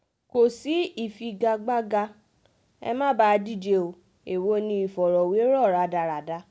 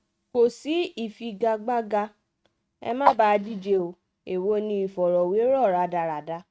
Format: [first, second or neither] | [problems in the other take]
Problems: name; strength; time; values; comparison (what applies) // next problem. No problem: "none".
first | noise reduction (neural mask model RNNoise)